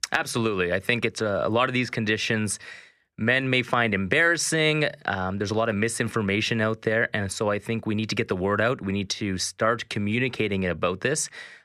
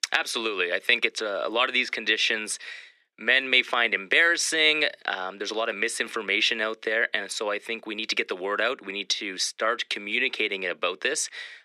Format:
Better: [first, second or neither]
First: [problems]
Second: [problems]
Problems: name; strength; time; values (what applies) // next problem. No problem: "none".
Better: first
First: none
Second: thin; somewhat; fading below 300 Hz